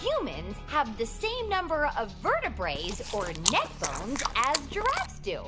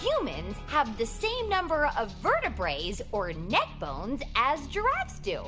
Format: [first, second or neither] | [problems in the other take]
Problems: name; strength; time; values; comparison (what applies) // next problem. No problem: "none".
second | background sound (Chewing, mastication); 4 dB below the speech